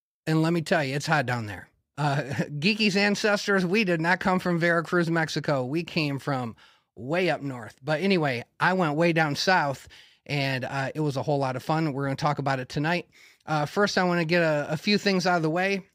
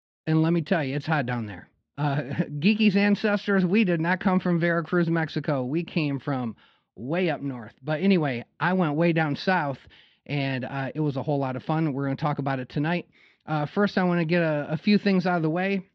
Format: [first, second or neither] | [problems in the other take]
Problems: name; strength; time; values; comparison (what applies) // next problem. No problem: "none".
first | muffled; very slightly; fading above 3.5 kHz